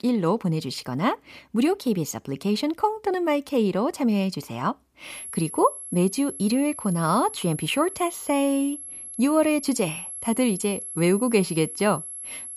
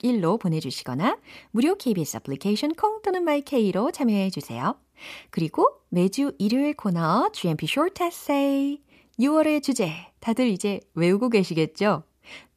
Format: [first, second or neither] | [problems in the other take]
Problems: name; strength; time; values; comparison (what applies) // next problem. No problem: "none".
second | high-pitched whine; loud; from 5 s on; 11 kHz, 10 dB below the speech